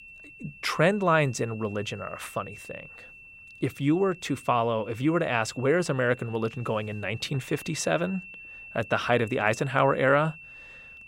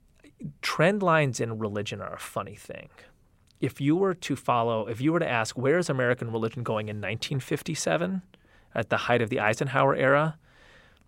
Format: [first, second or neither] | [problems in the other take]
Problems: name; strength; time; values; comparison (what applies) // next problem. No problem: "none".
second | high-pitched whine; noticeable; throughout; 2.5 kHz, 20 dB below the speech